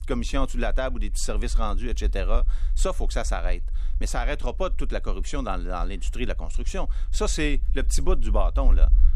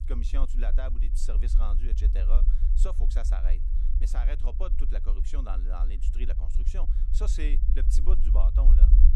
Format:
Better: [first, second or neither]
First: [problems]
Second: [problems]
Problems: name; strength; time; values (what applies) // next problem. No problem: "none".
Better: first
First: low rumble; faint; throughout; 25 dB below the speech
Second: low rumble; loud; throughout; 7 dB below the speech